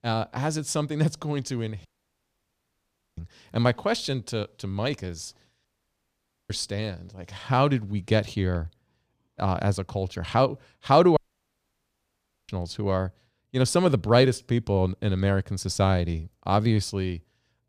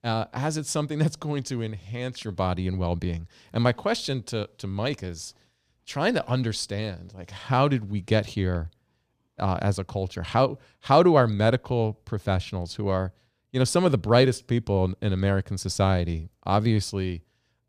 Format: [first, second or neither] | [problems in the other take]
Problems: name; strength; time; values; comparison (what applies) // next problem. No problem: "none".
second | audio cutting out; at 2 s for 1.5 s, at 5.5 s for 1 s and at 11 s for 1.5 s